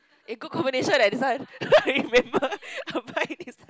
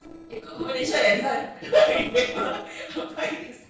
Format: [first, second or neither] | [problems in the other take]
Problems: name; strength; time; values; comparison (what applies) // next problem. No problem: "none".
first | noise reduction (neural separator model SepFormer DNS4)